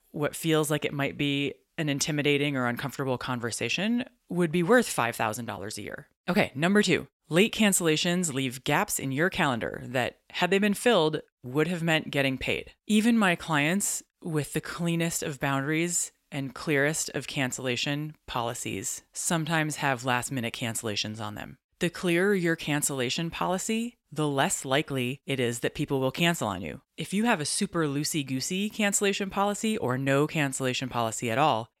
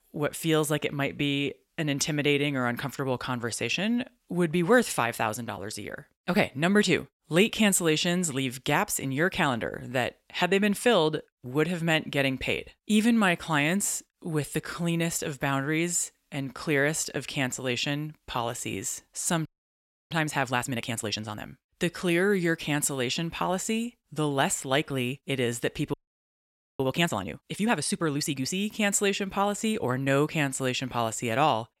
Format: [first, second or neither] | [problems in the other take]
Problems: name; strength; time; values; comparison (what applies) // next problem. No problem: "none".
first | audio freezing; at 19 s for 0.5 s and at 26 s for 1 s